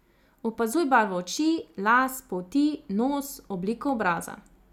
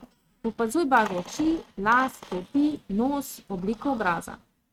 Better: first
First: none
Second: noise reduction (neural mask model RNNoise)

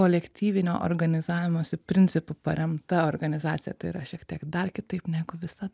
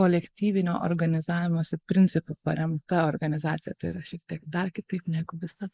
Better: first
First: none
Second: noise reduction (neural mask model Resemble Enhance denoiser)

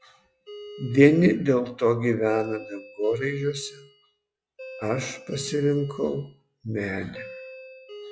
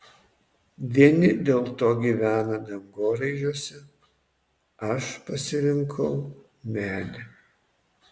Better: second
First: noise reduction (classical method log-MMSE)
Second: none

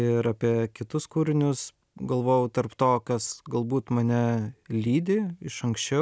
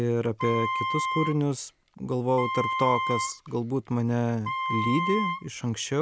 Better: first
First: none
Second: background sound (Wind instrument, woodwind instrument); 4 dB below the speech

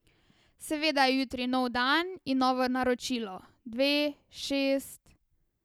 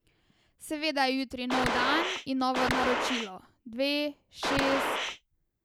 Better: first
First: none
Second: background sound (Gunshot, gunfire); 1 dB above the speech

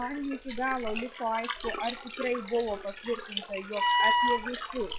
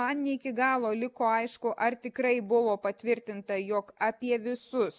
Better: second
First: noise reduction (classical method log-MMSE)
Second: none

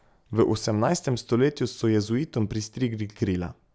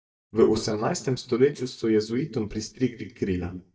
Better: first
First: none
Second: noise reduction (neural mask model DeepFilterNet 3)

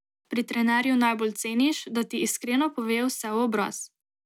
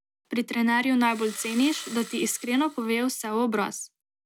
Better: first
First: none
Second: background sound (Engine starting); 17 dB below the speech

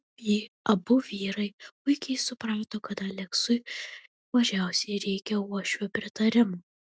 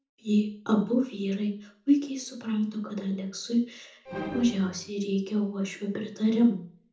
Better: first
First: none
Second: noise reduction (neural separator model SepFormer DNS4)

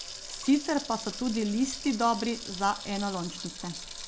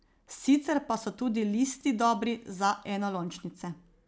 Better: second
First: background sound (Sink (filling or washing) / Water tap, faucet); 10 dB below the speech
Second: none

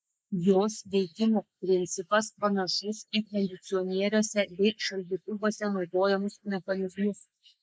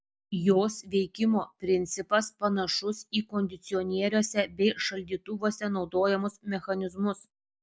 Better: second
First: noise reduction (neural mask model Resemble Enhance denoiser)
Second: none

